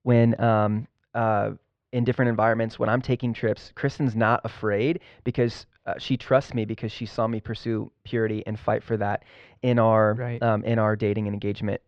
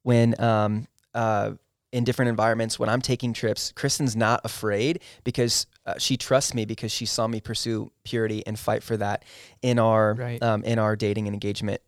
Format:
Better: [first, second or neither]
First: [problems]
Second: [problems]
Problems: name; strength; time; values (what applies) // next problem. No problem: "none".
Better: second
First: muffled; very; fading above 2.5 kHz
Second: none